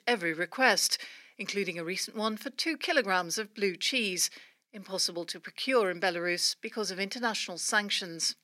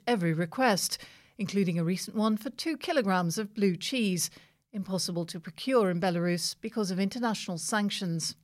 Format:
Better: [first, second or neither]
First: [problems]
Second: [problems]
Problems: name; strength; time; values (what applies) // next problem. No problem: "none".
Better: second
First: thin; somewhat; fading below 250 Hz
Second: none